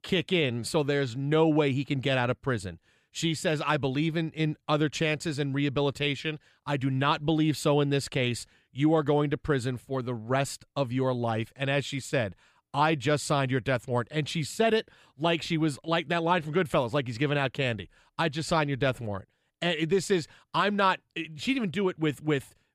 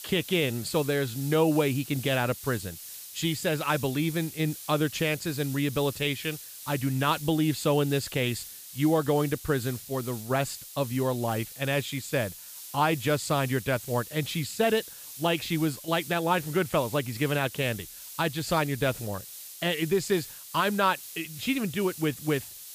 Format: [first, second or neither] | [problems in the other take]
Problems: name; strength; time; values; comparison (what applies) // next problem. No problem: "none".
first | hiss; noticeable; throughout; 10 dB below the speech